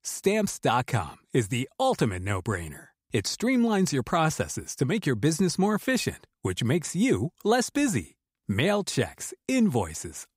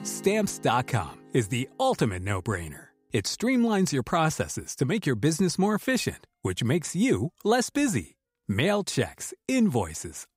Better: first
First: none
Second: background music; faint; throughout; 20 dB below the speech

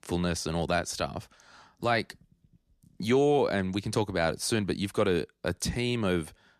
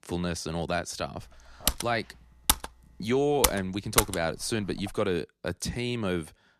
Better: first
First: none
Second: keyboard typing; loud; from 1.5 to 4 s; peak 4 dB above the speech

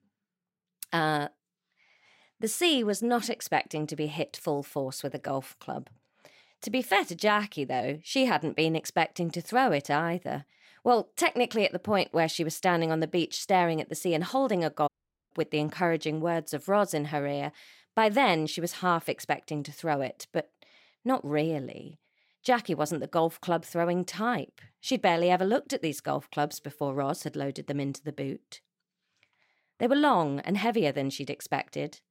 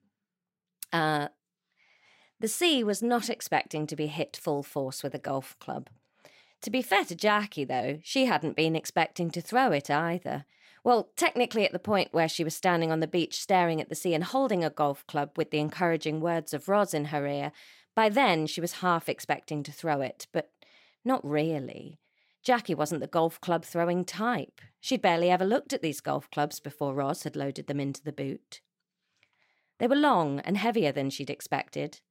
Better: second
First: audio cutting out; at 15 s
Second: none

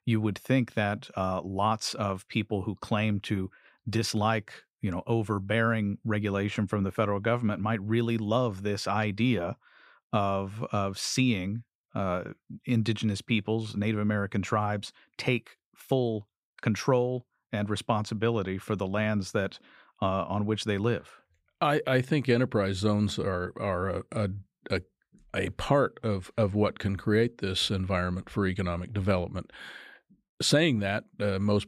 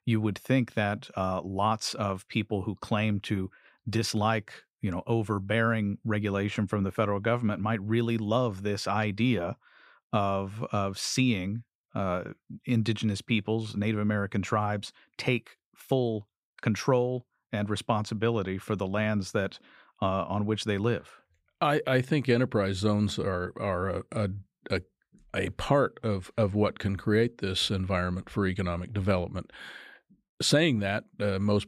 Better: neither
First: none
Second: none

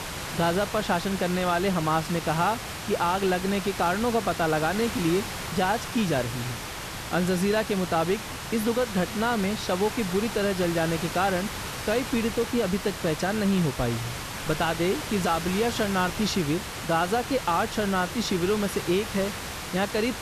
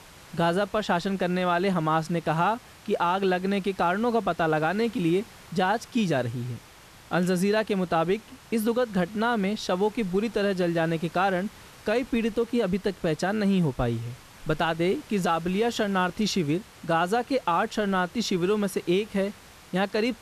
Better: second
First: hiss; loud; throughout; 7 dB below the speech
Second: hiss; faint; throughout; 20 dB below the speech

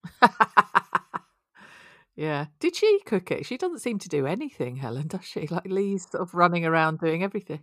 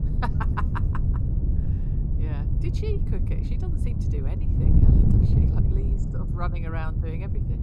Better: first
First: none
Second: wind noise on the microphone; heavy; as loud as the speech

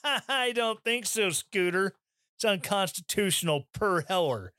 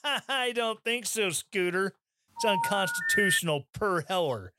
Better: first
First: none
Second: phone ringing; loud; from 2.5 to 3.5 s; peak 4 dB above the speech

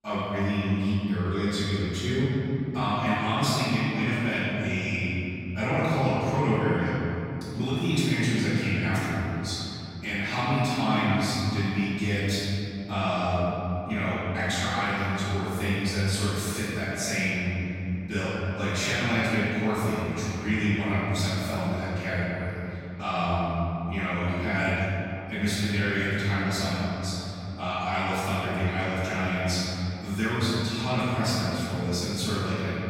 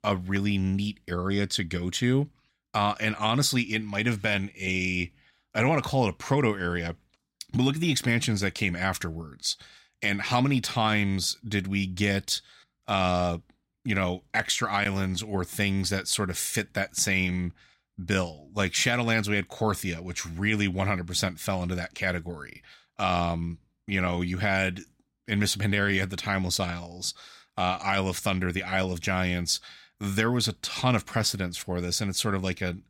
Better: second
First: off-mic speech; far // room echo; strong; dies away in 3 s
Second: none

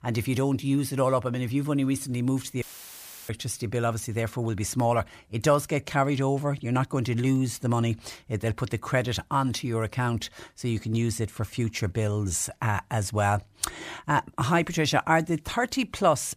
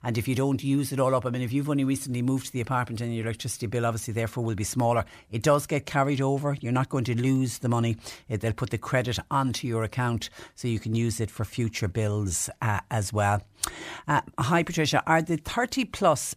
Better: second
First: audio cutting out; filled with static; at 2.5 s for 0.5 s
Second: none

